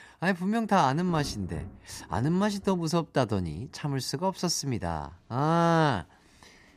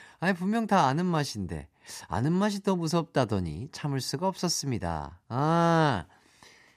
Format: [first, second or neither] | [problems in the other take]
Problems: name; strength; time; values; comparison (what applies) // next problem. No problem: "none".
second | rain or running water; noticeable; throughout; 20 dB below the speech